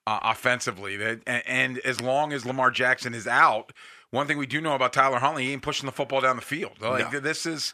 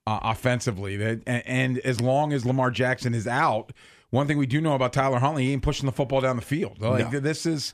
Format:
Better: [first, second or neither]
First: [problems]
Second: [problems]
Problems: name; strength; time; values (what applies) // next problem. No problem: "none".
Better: second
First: thin; somewhat; fading below 600 Hz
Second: none